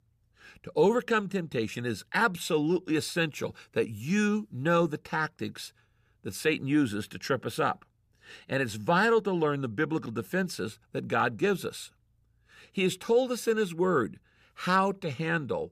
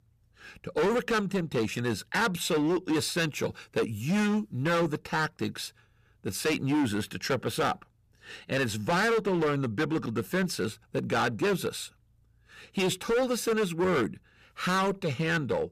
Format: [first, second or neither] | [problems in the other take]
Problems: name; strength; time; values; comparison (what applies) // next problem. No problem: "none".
first | distortion; heavy; 14% of the sound clipped